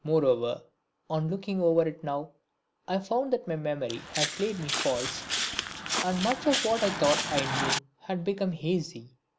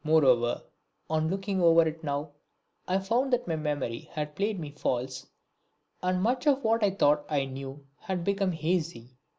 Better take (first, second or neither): second